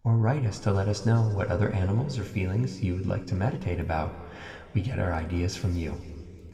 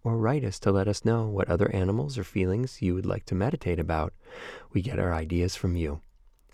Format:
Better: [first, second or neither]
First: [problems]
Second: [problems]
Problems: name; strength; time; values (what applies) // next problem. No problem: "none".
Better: second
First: room echo; noticeable; dies away in 1.9 s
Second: none